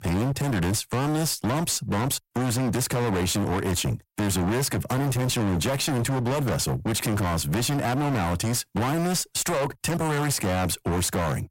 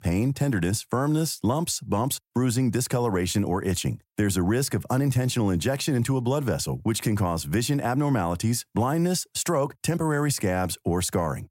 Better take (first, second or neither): second